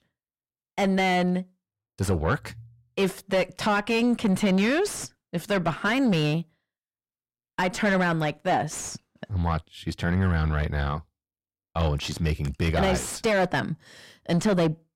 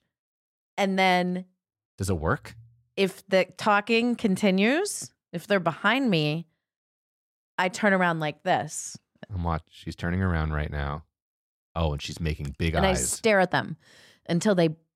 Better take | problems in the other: second | distortion; heavy; 7 dB below the speech

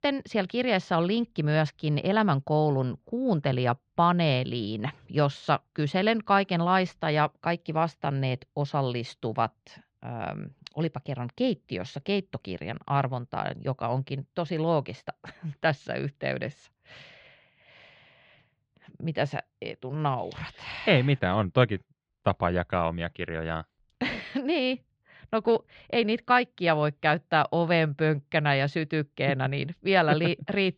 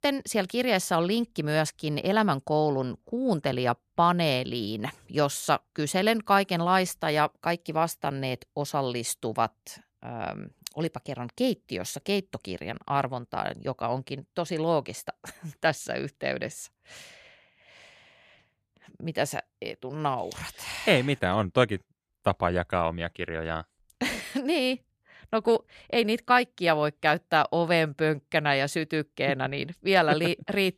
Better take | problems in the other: second | muffled; very slightly; fading above 4 kHz

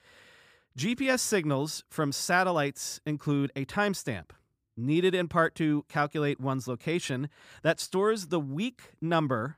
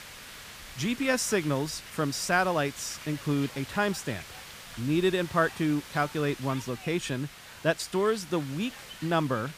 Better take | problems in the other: first | hiss; noticeable; throughout; 15 dB below the speech

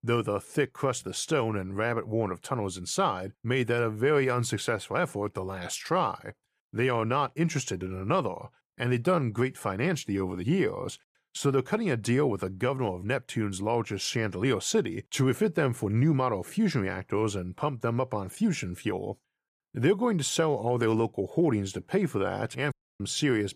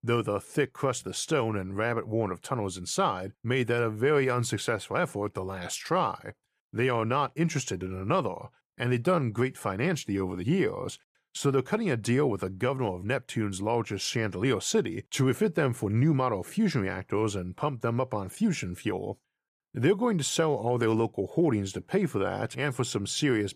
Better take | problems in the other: second | audio cutting out; at 23 s

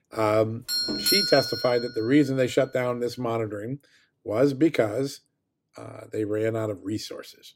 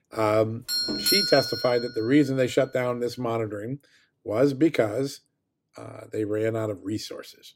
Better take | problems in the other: neither | doorbell; loud; from 0.5 to 2 s; peak 4 dB above the speech; the same in both

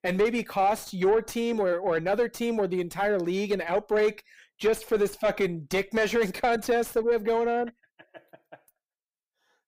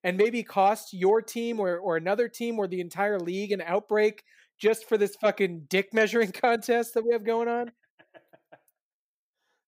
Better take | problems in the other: second | distortion; slight; 9 dB below the speech

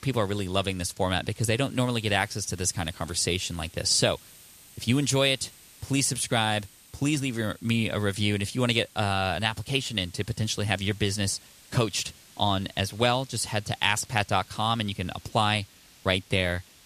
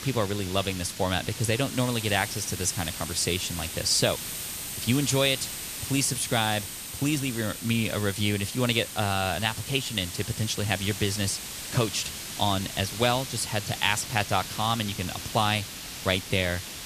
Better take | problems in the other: first | hiss; loud; throughout; 7 dB below the speech; faint in the first

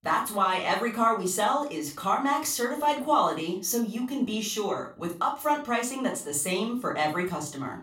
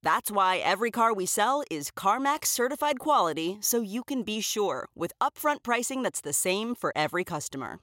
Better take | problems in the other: second | off-mic speech; far // room echo; slight; dies away in 0.3 s

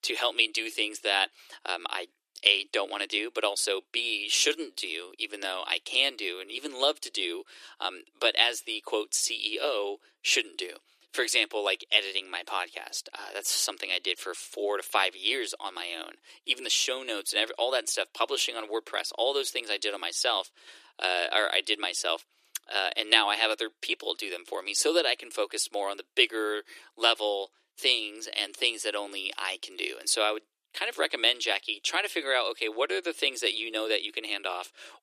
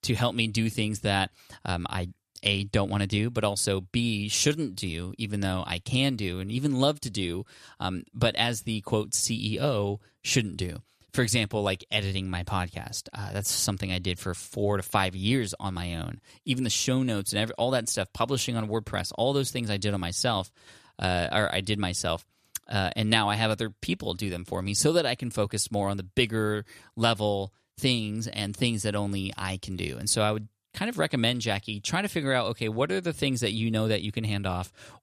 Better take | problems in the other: second | thin; very; fading below 300 Hz

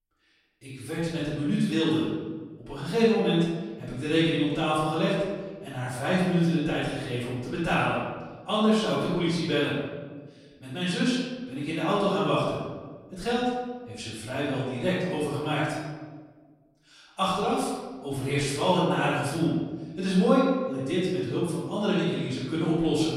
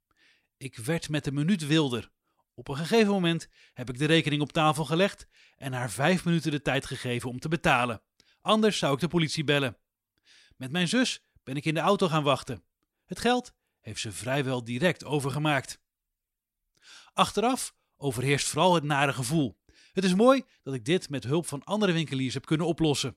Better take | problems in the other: second | off-mic speech; far // room echo; strong; dies away in 1.3 s

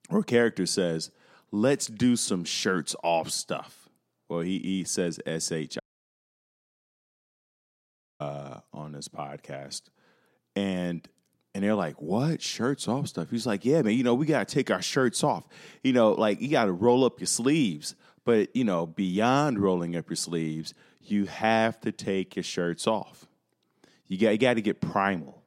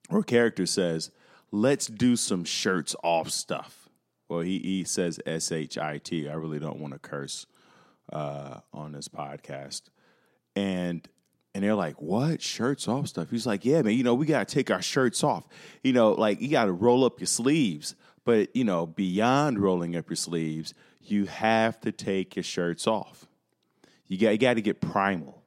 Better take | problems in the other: second | audio cutting out; at 6 s for 2.5 s

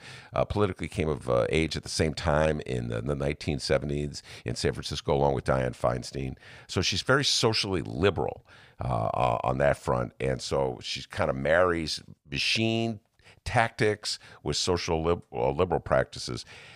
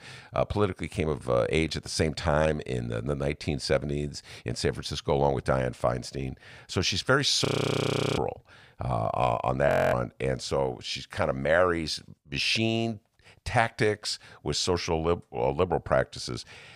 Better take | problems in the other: first | audio freezing; at 7.5 s for 0.5 s and at 9.5 s

